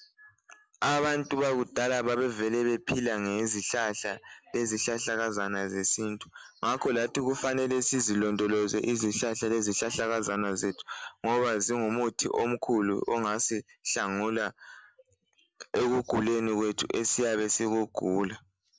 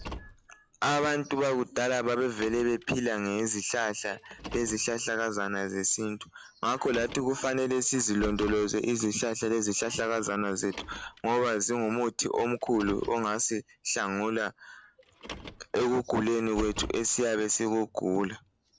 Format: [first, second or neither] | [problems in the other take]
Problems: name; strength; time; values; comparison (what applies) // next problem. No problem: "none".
first | background sound (Car); 17 dB below the speech